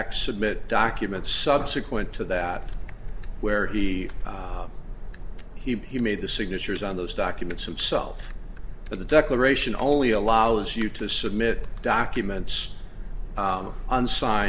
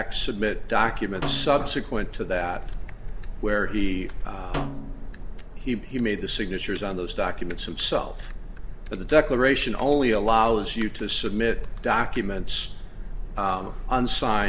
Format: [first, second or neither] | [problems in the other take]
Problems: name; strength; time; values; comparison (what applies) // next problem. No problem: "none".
first | background sound (Snare drum); 14 dB below the speech